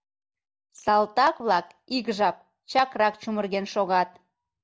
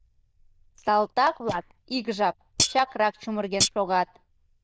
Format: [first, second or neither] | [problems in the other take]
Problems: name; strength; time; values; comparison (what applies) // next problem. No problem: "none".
first | noise reduction (neural diffusion model UNIVERSE++)